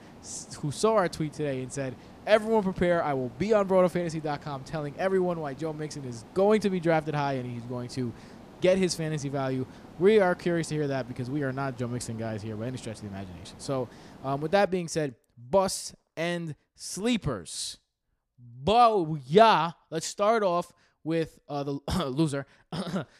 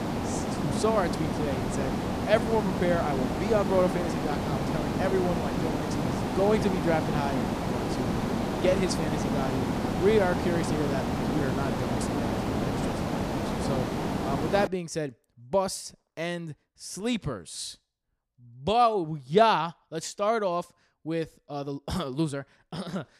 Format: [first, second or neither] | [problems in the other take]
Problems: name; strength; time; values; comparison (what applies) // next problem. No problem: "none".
first | hiss; loud; until 15 s; as loud as the speech; faint in the first